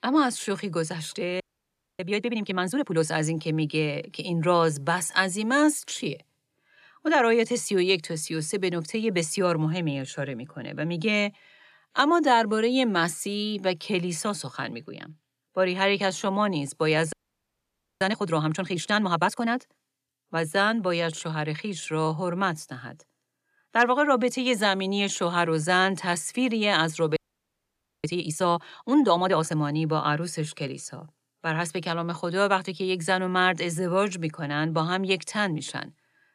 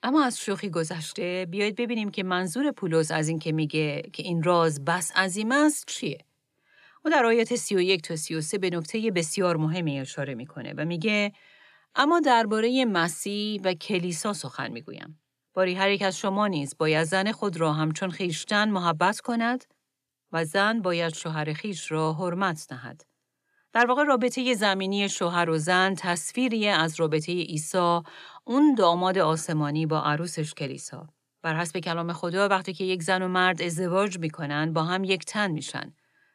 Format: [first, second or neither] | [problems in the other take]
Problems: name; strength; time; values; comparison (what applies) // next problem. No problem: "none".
second | audio freezing; at 1.5 s for 0.5 s, at 17 s for 1 s and at 27 s for 1 s